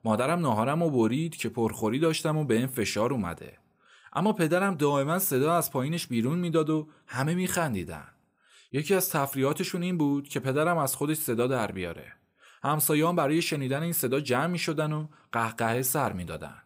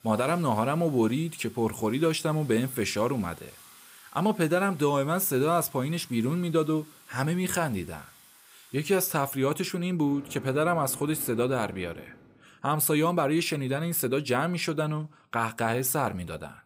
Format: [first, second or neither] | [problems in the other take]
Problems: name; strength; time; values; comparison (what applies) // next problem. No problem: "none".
first | household noises; faint; until 12 s; 20 dB below the speech